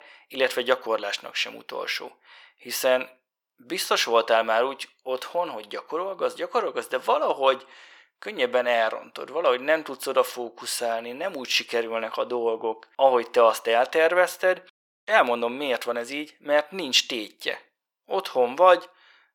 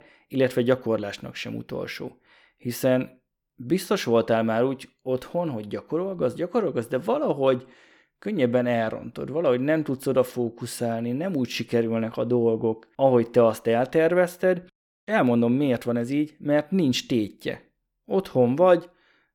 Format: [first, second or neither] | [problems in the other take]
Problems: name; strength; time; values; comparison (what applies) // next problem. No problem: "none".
second | thin; very; fading below 750 Hz